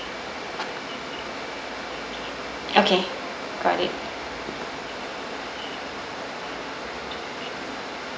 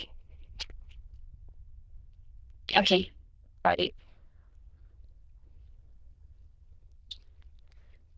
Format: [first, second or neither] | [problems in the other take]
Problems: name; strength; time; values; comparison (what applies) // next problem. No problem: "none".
first | noise reduction (neural diffusion model UNIVERSE++)